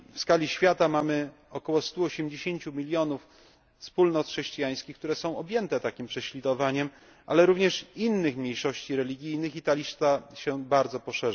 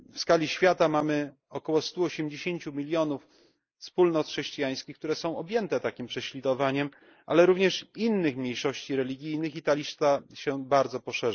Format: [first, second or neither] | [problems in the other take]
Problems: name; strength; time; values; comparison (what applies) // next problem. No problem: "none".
first | noise reduction (neural mask model Resemble Enhance denoiser)